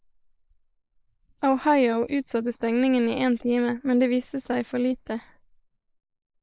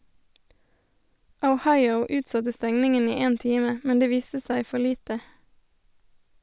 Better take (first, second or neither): second